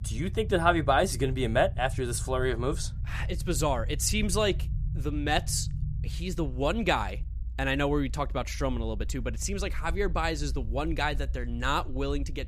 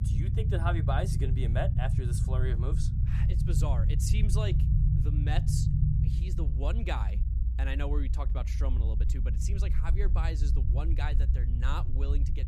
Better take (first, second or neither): first